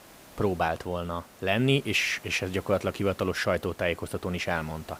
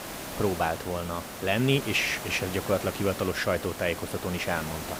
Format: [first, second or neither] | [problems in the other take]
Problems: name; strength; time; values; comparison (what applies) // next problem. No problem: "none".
first | hiss; loud; throughout; 8 dB below the speech; faint in the first